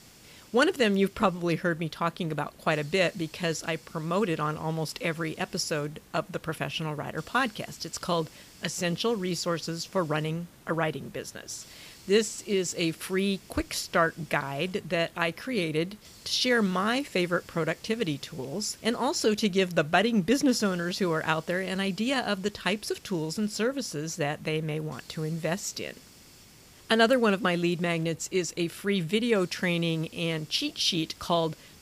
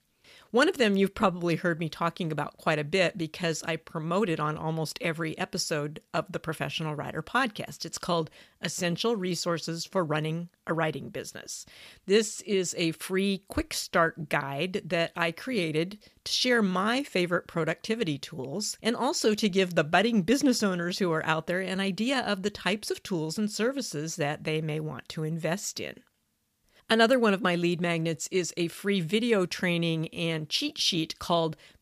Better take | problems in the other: second | hiss; faint; throughout; 25 dB below the speech

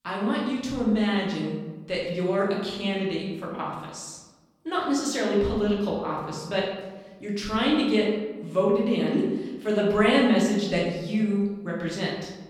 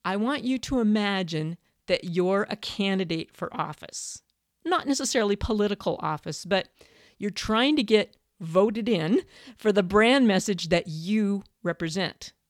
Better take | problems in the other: second | room echo; noticeable; dies away in 1 s // off-mic speech; far

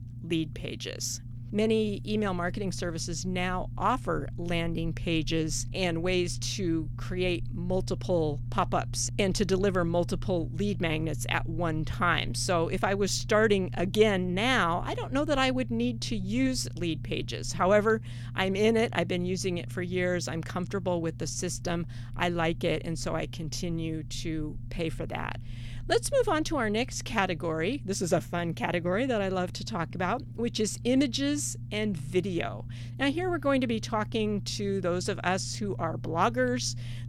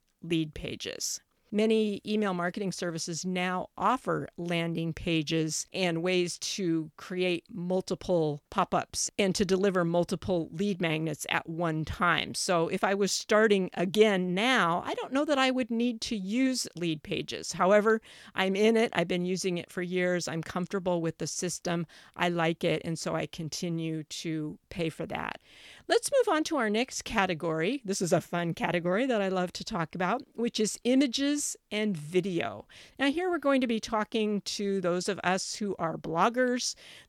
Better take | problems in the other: second | low rumble; faint; throughout; 20 dB below the speech

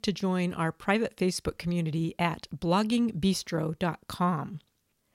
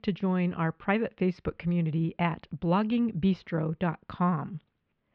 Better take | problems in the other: first | muffled; very; fading above 3 kHz

